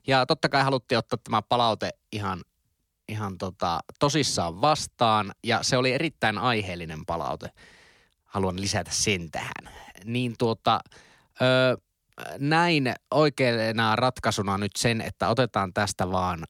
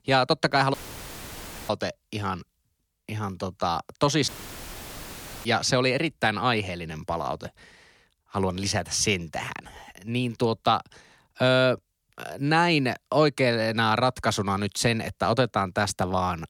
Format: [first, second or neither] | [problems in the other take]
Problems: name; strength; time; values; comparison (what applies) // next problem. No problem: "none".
first | audio cutting out; filled with static; at 0.5 s for 1 s and at 4.5 s for 1 s